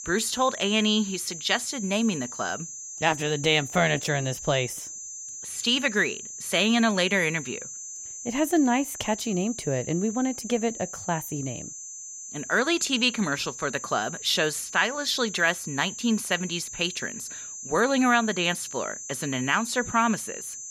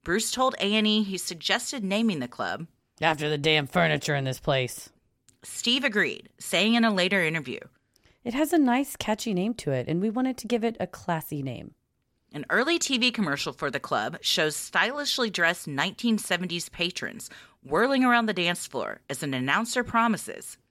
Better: second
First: high-pitched whine; noticeable; throughout; 6 kHz, 10 dB below the speech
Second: none

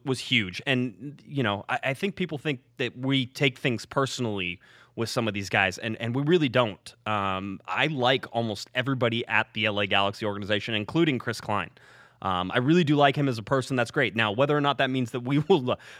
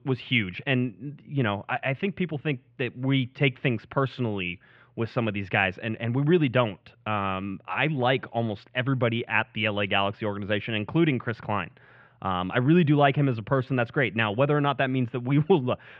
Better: first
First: none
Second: muffled; very; fading above 2.5 kHz

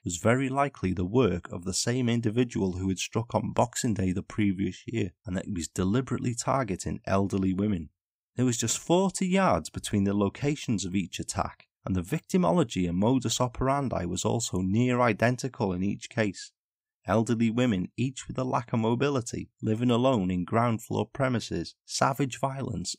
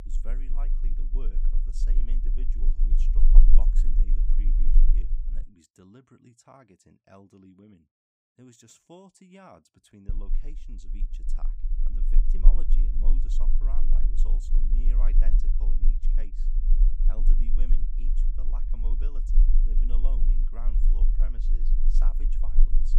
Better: first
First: none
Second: low rumble; loud; until 5.5 s and from 10 s on; 2 dB below the speech

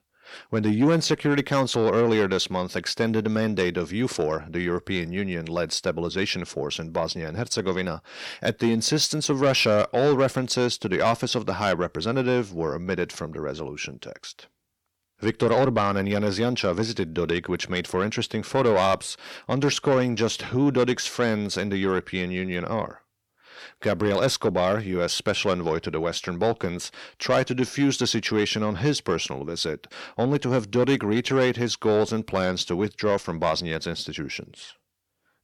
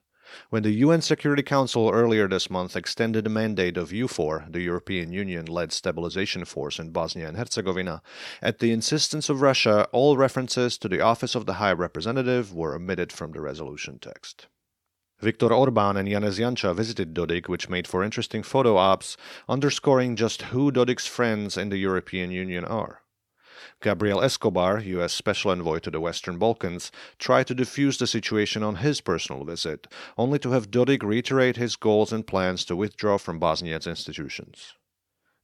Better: second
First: distortion; slight; 10 dB below the speech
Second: none

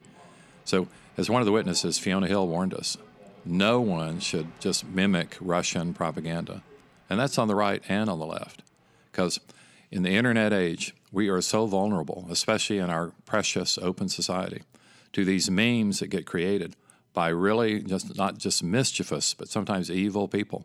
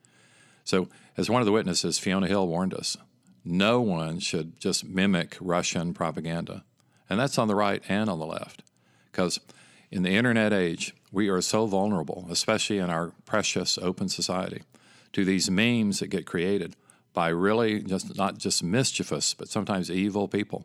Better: second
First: train or aircraft noise; faint; throughout; 25 dB below the speech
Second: none

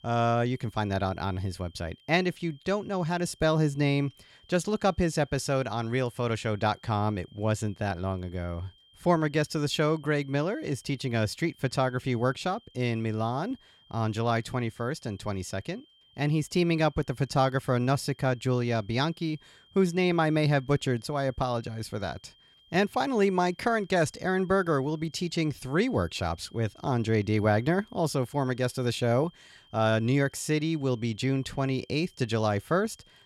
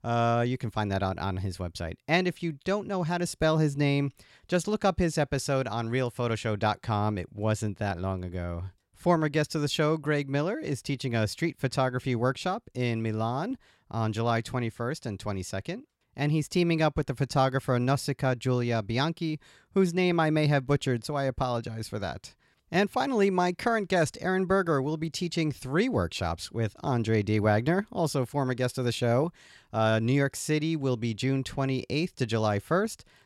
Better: second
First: high-pitched whine; faint; throughout; 3 kHz, 30 dB below the speech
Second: none

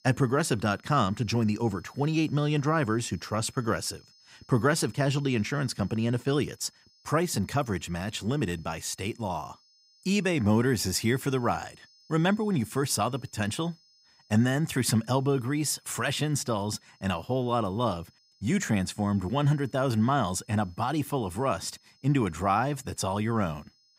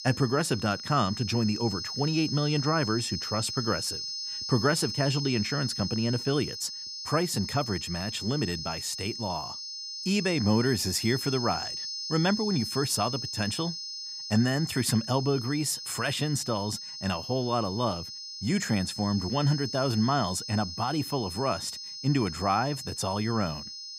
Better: first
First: high-pitched whine; faint; throughout; 5 kHz, 30 dB below the speech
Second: high-pitched whine; loud; throughout; 5 kHz, 6 dB below the speech

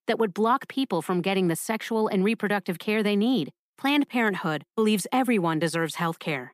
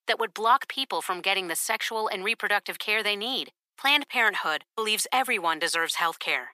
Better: first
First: none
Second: thin; very; fading below 800 Hz

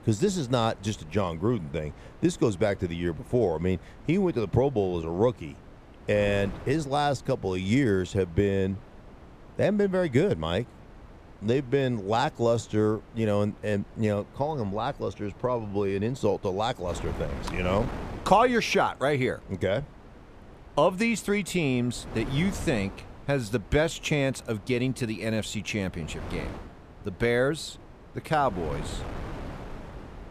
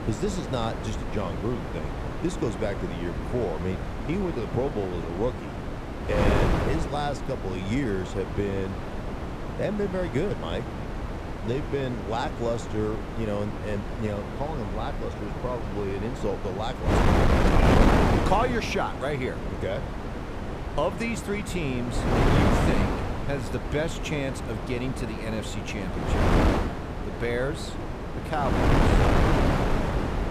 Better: first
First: wind noise on the microphone; occasional gusts; 20 dB below the speech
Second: wind noise on the microphone; heavy; 1 dB above the speech

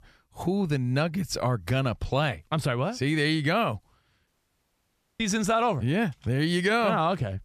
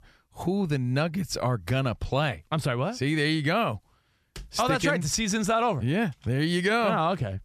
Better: second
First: audio cutting out; at 4.5 s for 1 s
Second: none

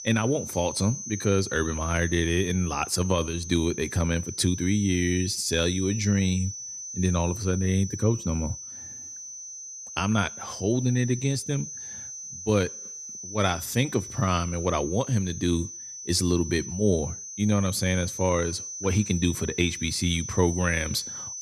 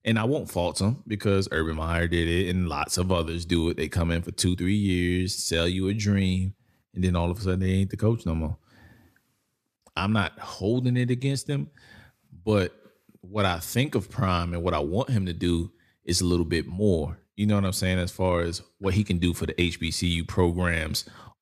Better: second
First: high-pitched whine; loud; throughout; 6 kHz, 9 dB below the speech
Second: none

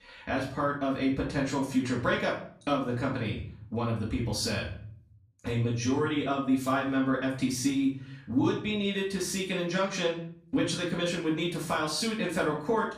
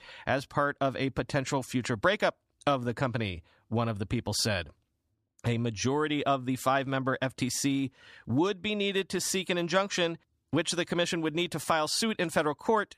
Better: second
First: off-mic speech; far // room echo; slight; dies away in 0.5 s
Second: none

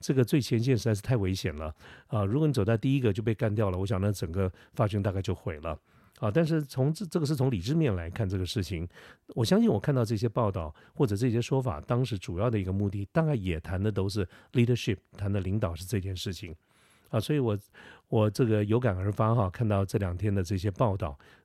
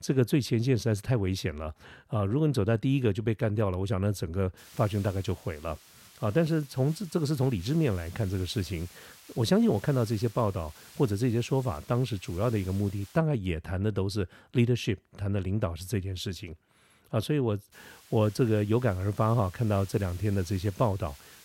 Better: first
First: none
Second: hiss; faint; from 4.5 to 13 s and from 18 s on; 20 dB below the speech

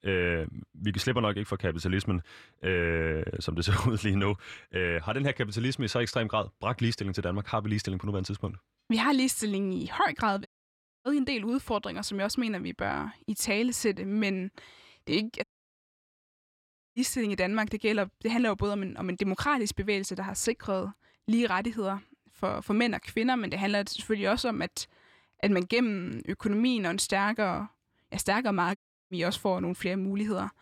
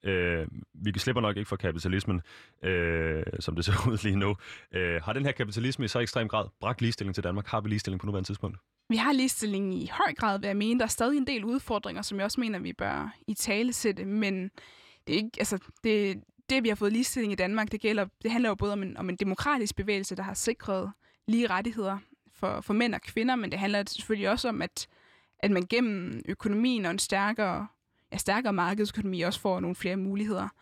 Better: second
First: audio cutting out; at 10 s for 0.5 s, at 15 s for 1.5 s and at 29 s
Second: none

